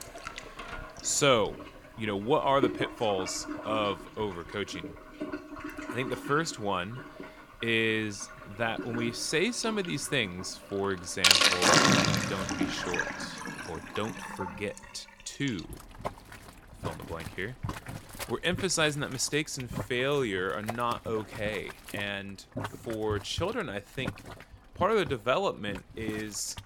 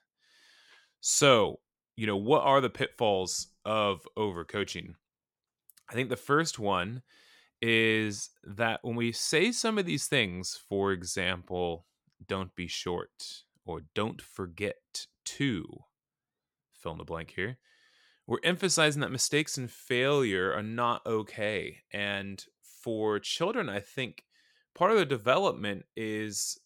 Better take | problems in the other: second | household noises; loud; throughout; as loud as the speech

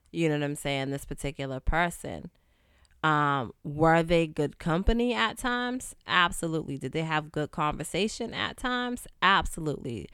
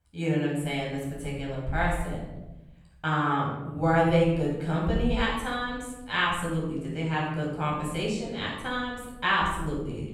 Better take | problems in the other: first | room echo; noticeable; dies away in 1.1 s // off-mic speech; far

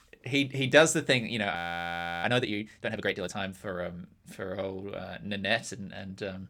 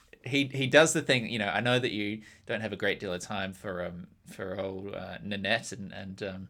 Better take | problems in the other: second | audio freezing; at 1.5 s for 0.5 s

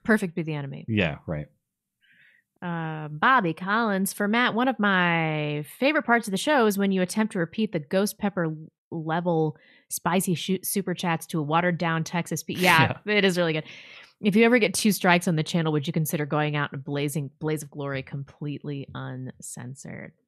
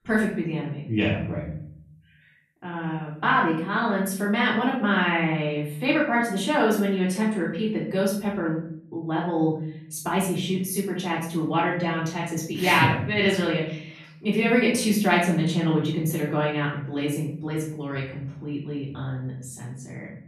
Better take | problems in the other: first | off-mic speech; far // room echo; noticeable; dies away in 0.6 s

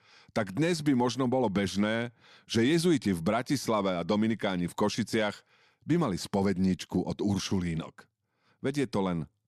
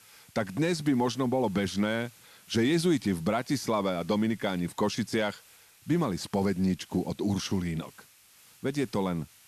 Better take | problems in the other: first | hiss; faint; throughout; 25 dB below the speech

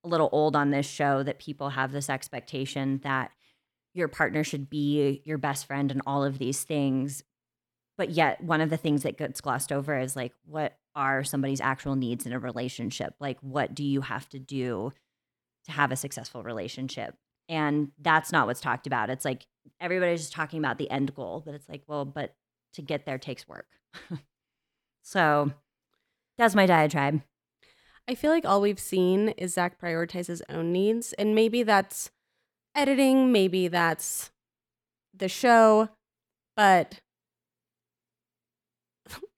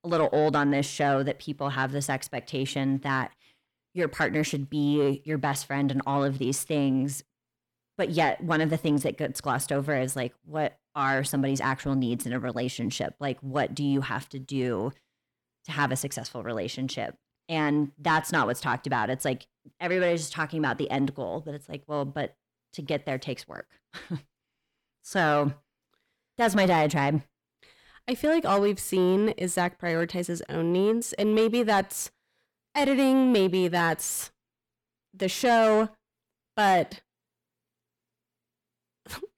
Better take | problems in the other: first | distortion; slight; 10 dB below the speech

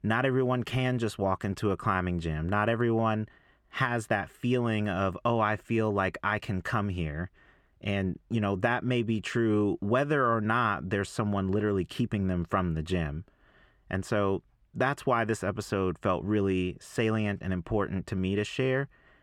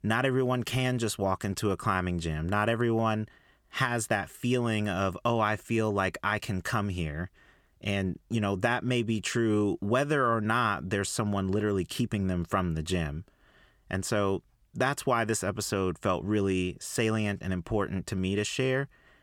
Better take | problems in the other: second | muffled; slightly; fading above 4 kHz

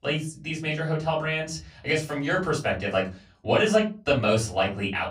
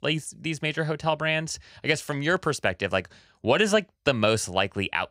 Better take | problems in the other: second | off-mic speech; far // room echo; very slight; dies away in 0.3 s

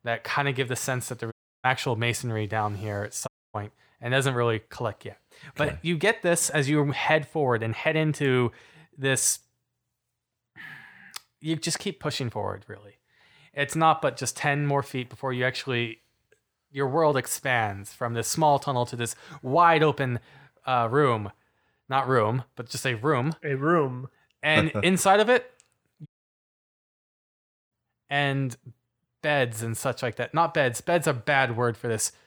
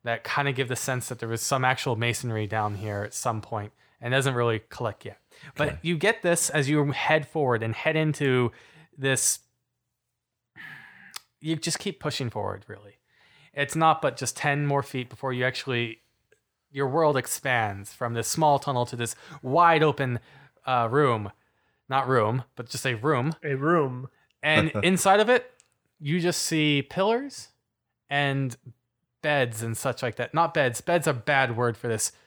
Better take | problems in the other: second | audio cutting out; at 1.5 s, at 3.5 s and at 26 s for 1.5 s

